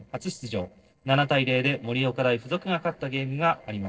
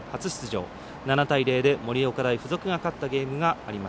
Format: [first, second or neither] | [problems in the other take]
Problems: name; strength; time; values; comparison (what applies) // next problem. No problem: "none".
second | noise reduction (neural separator model SepFormer DNS4)